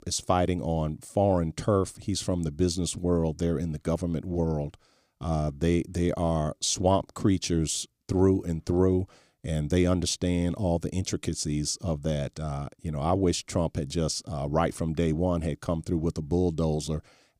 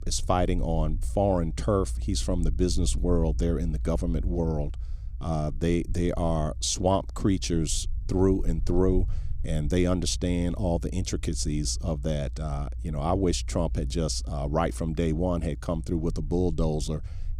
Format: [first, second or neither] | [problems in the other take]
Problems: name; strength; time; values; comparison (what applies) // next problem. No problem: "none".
first | low rumble; faint; throughout; 25 dB below the speech